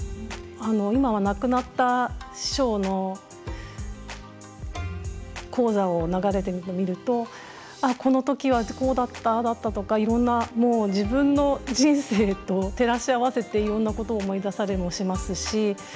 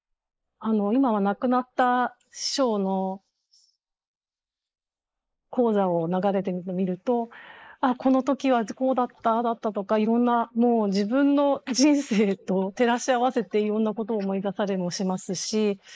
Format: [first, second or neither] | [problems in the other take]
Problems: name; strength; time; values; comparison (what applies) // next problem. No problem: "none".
first | noise reduction (neural mask model Resemble Enhance denoiser)